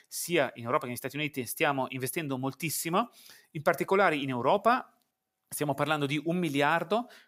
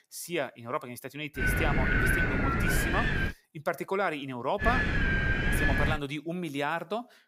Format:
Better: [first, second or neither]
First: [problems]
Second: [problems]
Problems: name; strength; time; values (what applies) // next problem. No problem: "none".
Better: first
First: none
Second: wind noise on the microphone; heavy; from 1.5 to 3.5 s and from 4.5 to 6 s; 5 dB above the speech